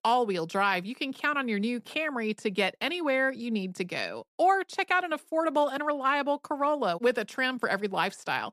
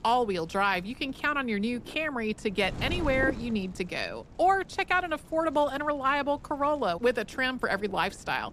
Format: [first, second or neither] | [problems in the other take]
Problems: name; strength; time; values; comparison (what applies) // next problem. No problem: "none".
first | wind noise on the microphone; occasional gusts; 20 dB below the speech